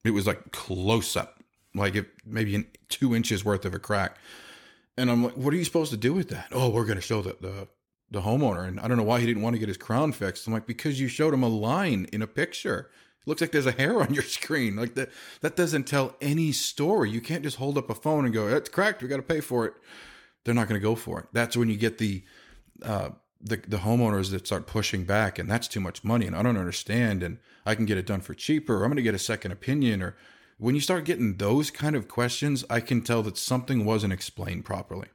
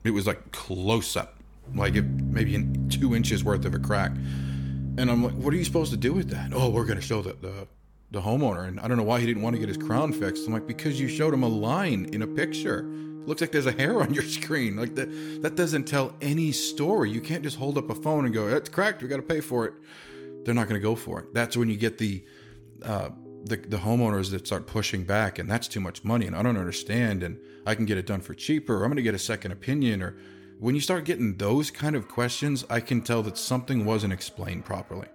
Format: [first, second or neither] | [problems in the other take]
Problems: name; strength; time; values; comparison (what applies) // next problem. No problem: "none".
first | background music; loud; throughout; 6 dB below the speech